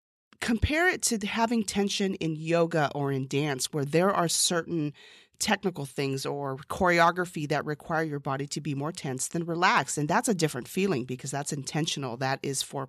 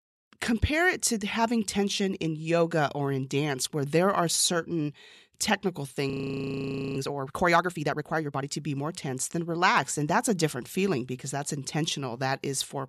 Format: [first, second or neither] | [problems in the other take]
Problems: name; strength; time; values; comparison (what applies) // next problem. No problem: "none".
first | audio freezing; at 6 s for 1 s